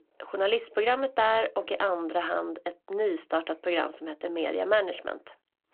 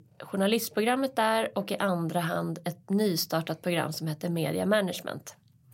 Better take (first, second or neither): second